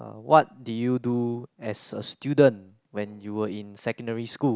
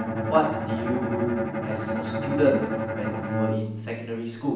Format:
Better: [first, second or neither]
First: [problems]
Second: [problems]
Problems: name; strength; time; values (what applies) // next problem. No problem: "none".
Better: first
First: none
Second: background sound (Bowed string instrument); 1 dB below the speech // room echo; dies away in 0.9 s